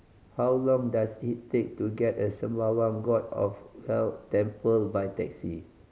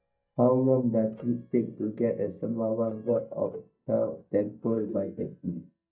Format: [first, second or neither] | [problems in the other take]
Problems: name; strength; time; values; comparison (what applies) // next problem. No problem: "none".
first | noise reduction (neural mask model DeepFilterNet 3)